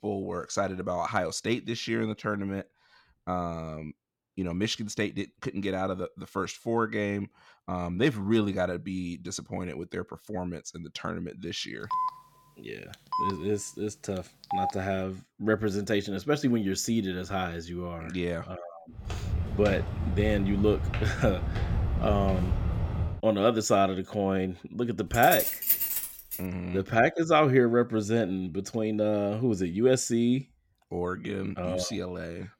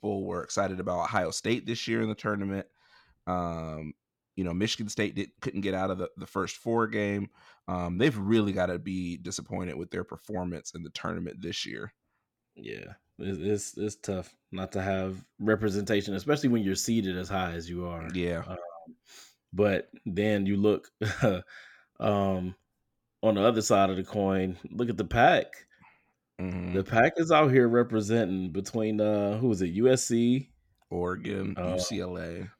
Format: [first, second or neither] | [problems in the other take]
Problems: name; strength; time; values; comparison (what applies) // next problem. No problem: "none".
second | phone ringing; noticeable; from 12 to 15 s; peak 2 dB below the speech // footsteps; noticeable; from 19 to 23 s; peak level with the speech // jangling keys; loud; from 25 to 26 s; peak 5 dB above the speech